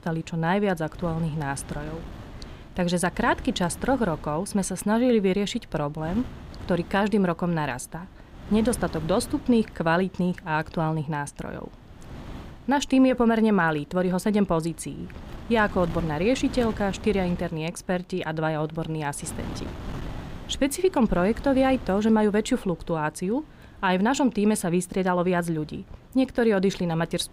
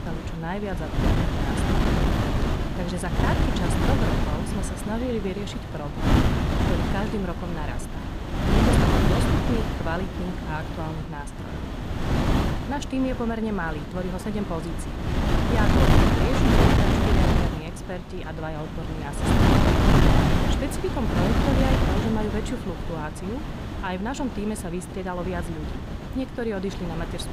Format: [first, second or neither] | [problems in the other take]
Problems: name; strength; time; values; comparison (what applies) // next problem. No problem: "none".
first | wind noise on the microphone; heavy; 4 dB above the speech; occasional gusts in the first